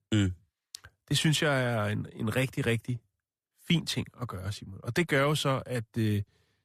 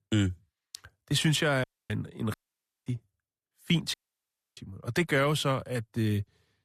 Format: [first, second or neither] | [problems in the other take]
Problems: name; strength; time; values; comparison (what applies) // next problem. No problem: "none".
first | audio cutting out; at 1.5 s, at 2.5 s for 0.5 s and at 4 s for 0.5 s